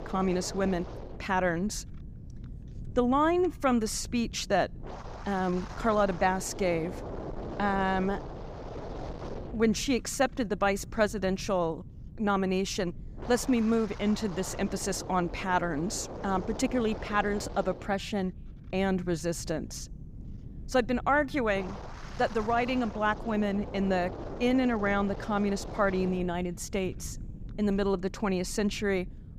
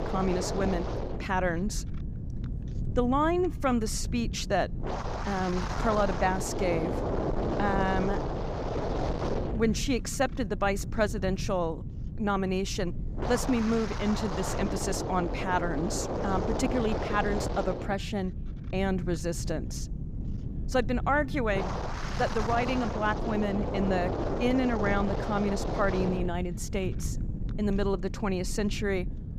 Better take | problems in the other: first | wind noise on the microphone; heavy; 4 dB below the speech; occasional gusts in the first

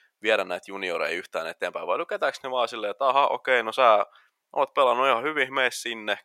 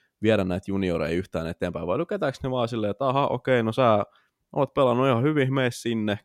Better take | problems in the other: second | thin; very; fading below 750 Hz

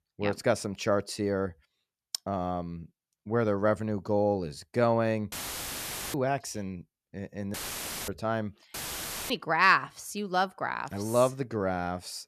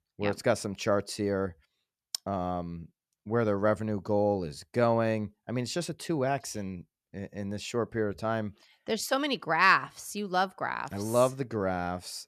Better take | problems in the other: second | audio cutting out; filled with static; at 5.5 s for 1 s, at 7.5 s for 0.5 s and at 8.5 s for 0.5 s

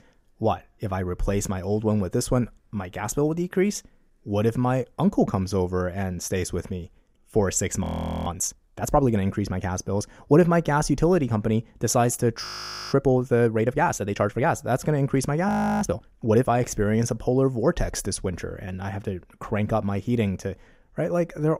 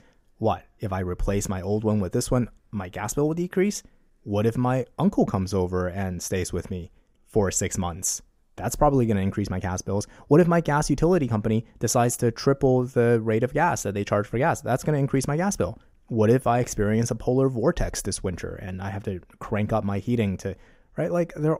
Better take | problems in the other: second | audio freezing; at 8 s, at 12 s and at 15 s

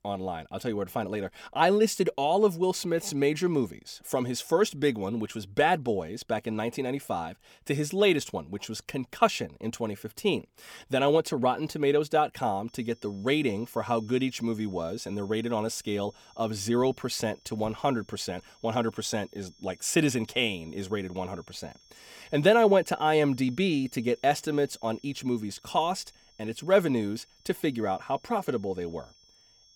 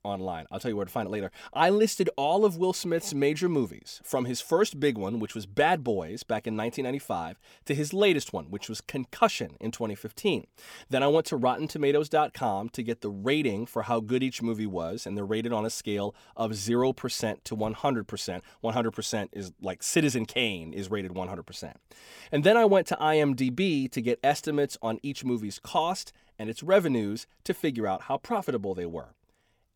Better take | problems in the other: second | high-pitched whine; faint; from 13 s on; 5.5 kHz, 30 dB below the speech

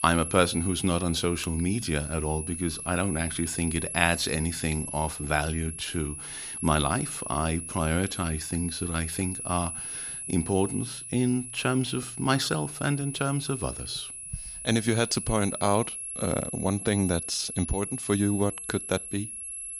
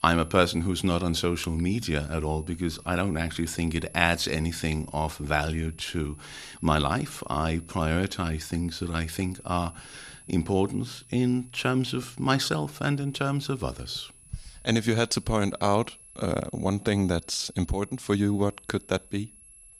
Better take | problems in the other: second | high-pitched whine; loud; throughout; 11 kHz, 6 dB below the speech; faint in the second

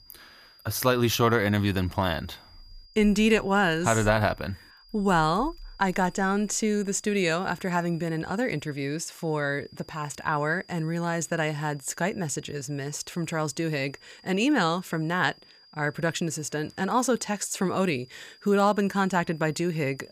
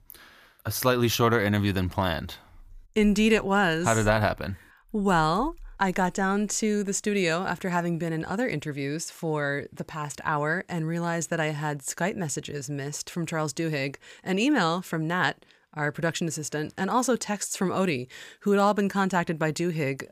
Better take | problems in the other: second | high-pitched whine; faint; throughout; 5 kHz, 25 dB below the speech

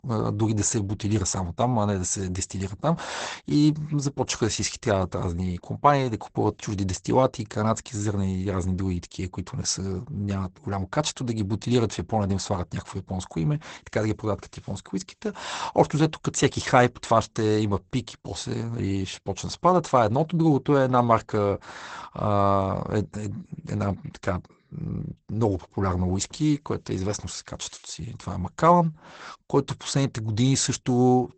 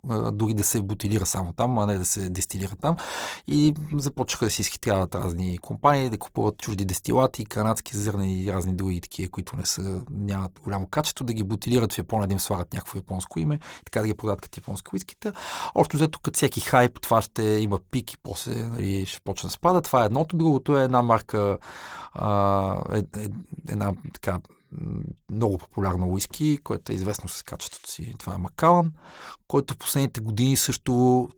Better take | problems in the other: second | garbled, watery; badly; nothing above 8 kHz; slightly in the second

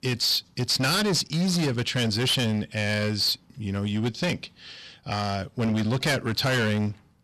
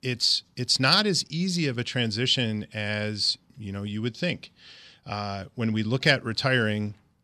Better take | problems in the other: second | distortion; heavy; 18% of the sound clipped

